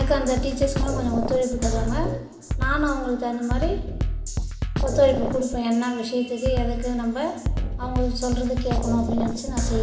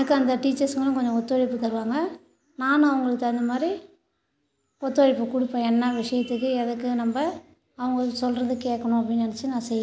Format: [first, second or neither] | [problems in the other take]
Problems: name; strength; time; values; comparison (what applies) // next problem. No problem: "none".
second | background sound (Drum kit); 1 dB below the speech // room echo; dies away in 1.3 s